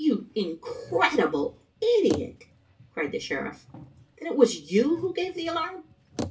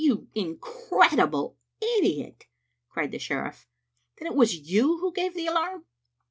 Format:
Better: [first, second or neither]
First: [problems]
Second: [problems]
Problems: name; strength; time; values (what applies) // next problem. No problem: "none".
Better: second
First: background sound (Bicycle); 16 dB below the speech // room echo; dies away in 0.2 s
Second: none